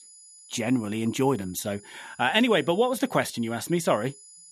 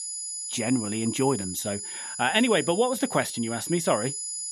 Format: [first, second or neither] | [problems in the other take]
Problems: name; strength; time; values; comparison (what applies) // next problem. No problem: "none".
first | high-pitched whine; loud; throughout; 10 kHz, 6 dB below the speech; faint in the first